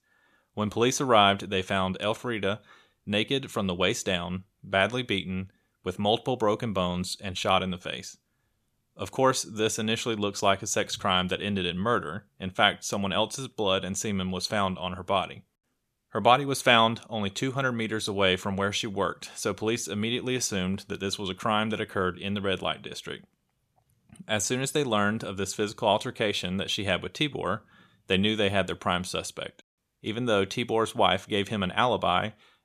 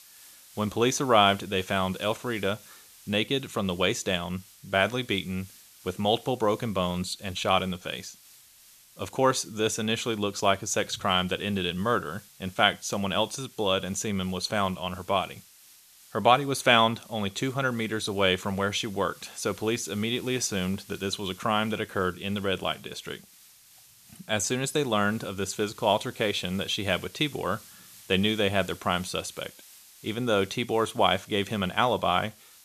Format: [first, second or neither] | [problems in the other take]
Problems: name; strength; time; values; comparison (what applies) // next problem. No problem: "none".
first | hiss; faint; throughout; 25 dB below the speech